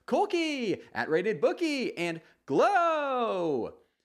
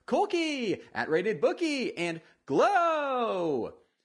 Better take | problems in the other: first | garbled, watery; slightly; nothing above 10 kHz

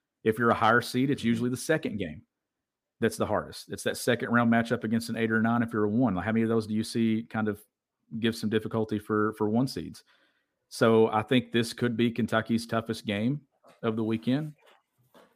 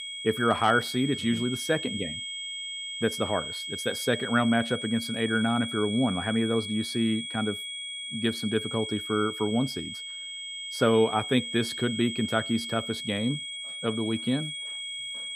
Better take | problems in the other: first | high-pitched whine; loud; throughout; 3.5 kHz, 6 dB below the speech

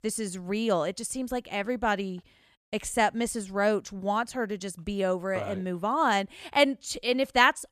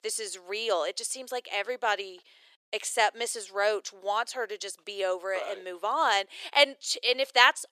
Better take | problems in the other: first | thin; very; fading below 400 Hz

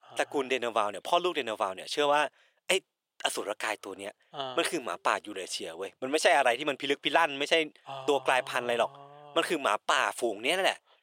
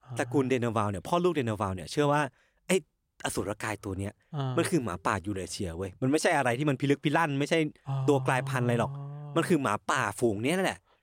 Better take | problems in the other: second | thin; very; fading below 500 Hz

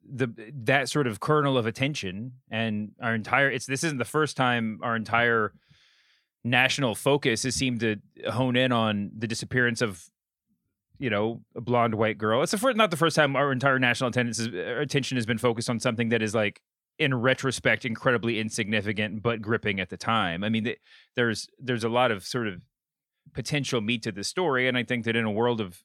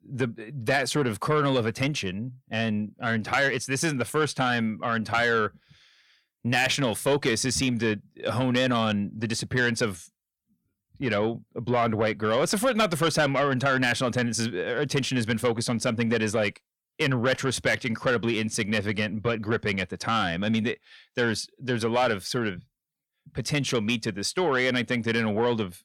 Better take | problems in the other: first | distortion; slight; 10 dB below the speech

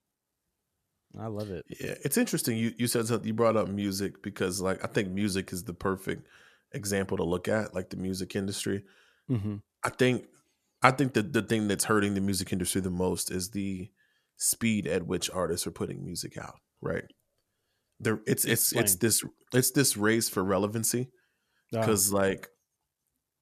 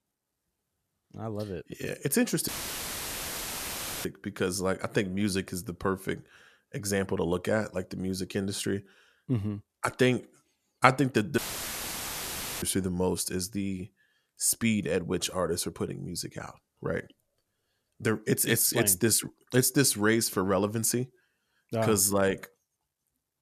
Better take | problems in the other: first | audio cutting out; filled with static; at 2.5 s for 1.5 s and at 11 s for 1 s

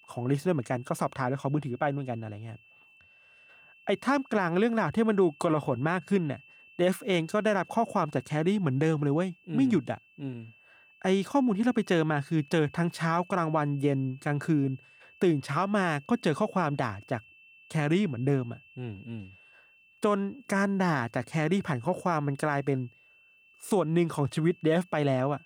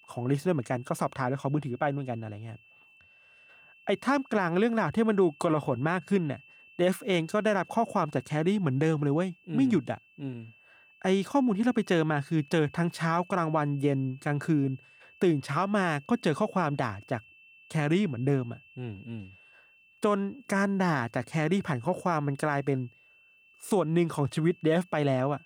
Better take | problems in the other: neither | high-pitched whine; faint; throughout; 2.5 kHz, 25 dB below the speech; the same in both

